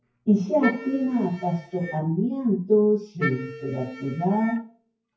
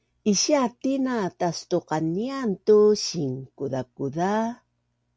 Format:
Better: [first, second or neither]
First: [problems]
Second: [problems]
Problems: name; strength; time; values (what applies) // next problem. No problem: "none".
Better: second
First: noise reduction (classical method WPE with log-MMSE)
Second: none